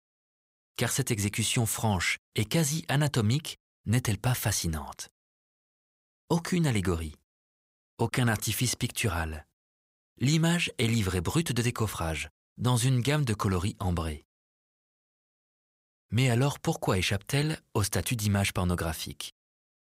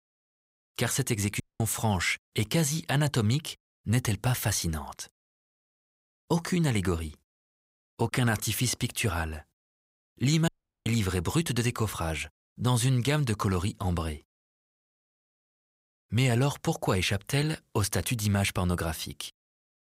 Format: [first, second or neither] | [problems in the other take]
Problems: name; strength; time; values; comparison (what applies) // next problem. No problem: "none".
first | audio cutting out; at 1.5 s and at 10 s